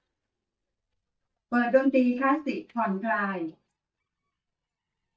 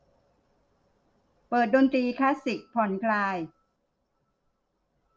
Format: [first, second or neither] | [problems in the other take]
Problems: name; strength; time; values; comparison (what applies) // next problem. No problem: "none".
second | noise reduction (neural mask model DeepFilterNet 3)